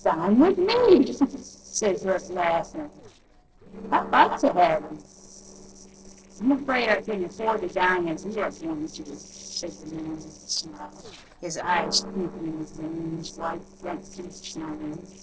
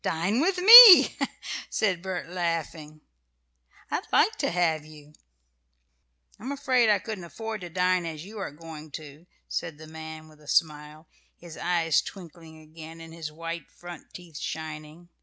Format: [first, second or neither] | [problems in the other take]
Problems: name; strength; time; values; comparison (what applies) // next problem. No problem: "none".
second | noise reduction (neural separator model SepFormer DNS4)